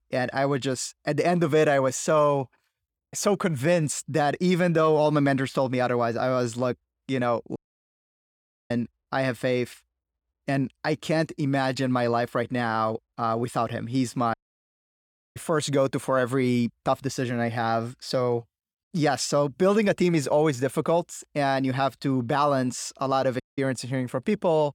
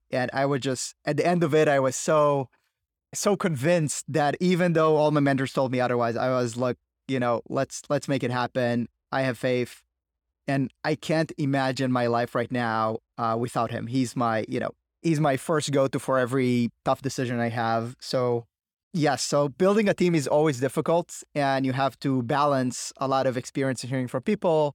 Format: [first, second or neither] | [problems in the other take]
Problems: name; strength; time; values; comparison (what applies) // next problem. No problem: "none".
second | audio cutting out; at 7.5 s for 1 s, at 14 s for 1 s and at 23 s